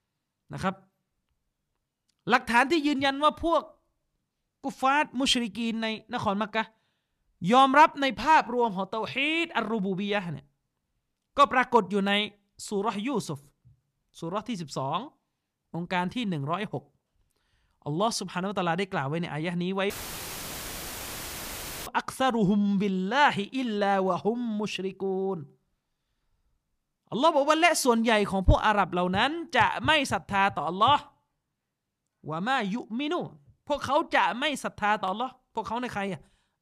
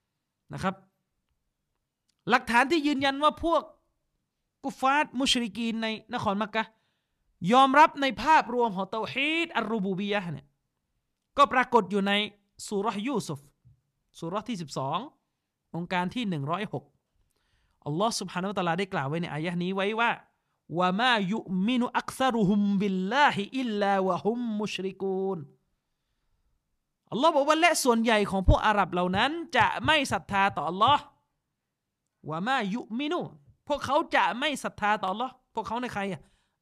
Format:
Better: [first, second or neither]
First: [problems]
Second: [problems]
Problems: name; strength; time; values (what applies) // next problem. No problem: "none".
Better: second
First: audio cutting out; filled with static; at 20 s for 2 s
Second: none